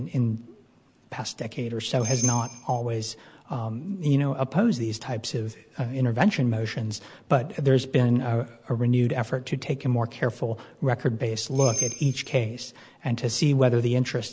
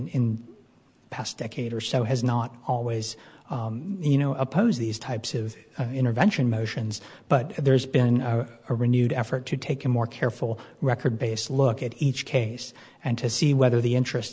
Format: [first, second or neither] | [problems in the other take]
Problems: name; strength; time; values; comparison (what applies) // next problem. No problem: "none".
second | background sound (Bell); 7 dB below the speech